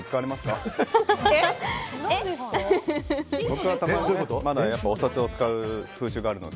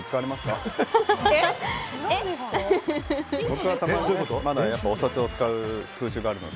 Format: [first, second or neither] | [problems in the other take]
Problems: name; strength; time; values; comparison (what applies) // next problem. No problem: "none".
first | background sound (Tambourine + Applause / Cheering); 17 dB below the speech